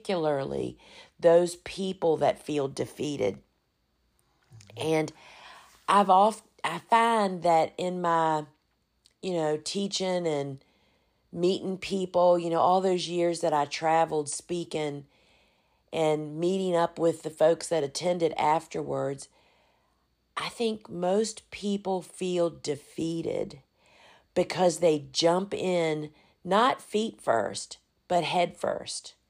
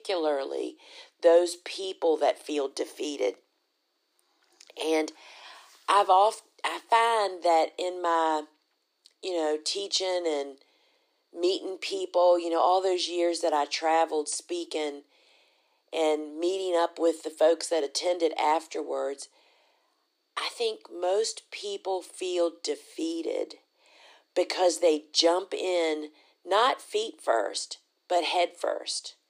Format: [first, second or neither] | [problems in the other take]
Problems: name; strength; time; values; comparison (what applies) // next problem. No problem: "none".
first | thin; somewhat; fading below 300 Hz